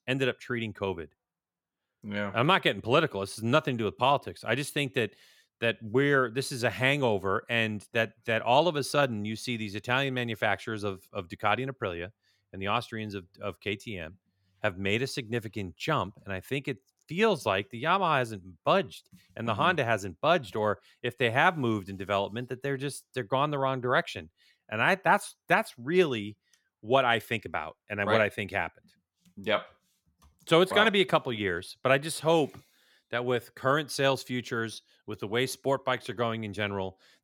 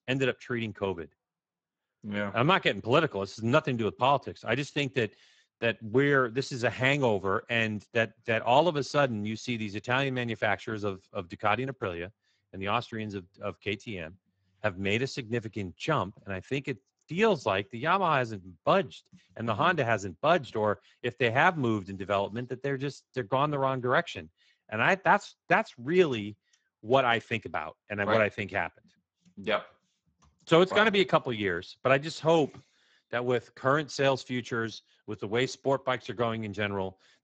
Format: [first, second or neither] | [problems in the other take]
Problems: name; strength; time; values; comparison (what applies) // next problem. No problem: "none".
first | garbled, watery; badly; nothing above 7.5 kHz